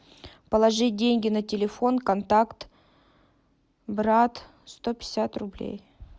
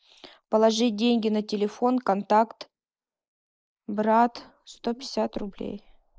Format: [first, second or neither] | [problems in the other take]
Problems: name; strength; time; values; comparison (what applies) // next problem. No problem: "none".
first | noise reduction (neural mask model Resemble Enhance denoiser)